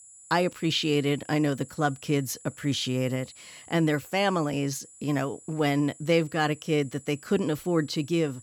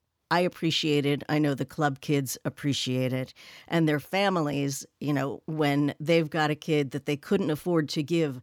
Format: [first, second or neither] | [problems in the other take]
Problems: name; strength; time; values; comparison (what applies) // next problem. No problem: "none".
second | high-pitched whine; faint; throughout; 7.5 kHz, 20 dB below the speech